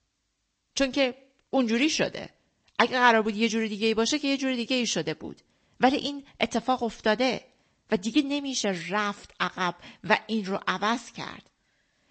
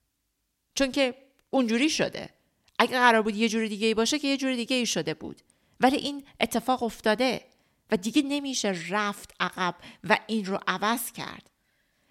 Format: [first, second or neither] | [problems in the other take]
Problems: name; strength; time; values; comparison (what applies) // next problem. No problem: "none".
second | garbled, watery; slightly